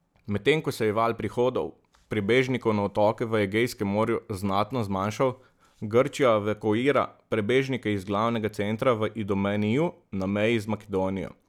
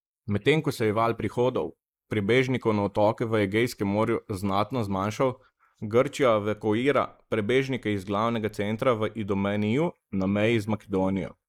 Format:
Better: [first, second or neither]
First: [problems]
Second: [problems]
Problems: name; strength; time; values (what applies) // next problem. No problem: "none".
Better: first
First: none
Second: noise reduction (neural mask model Resemble Enhance denoiser)